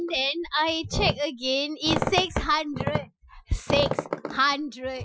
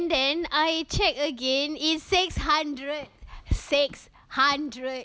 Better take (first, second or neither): second